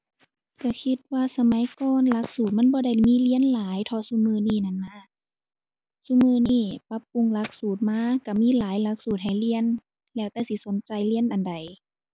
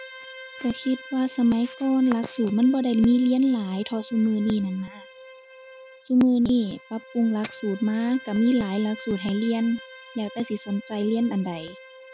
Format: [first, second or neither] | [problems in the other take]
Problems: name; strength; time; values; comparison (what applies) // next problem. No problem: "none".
first | background sound (Bowed string instrument); 19 dB below the speech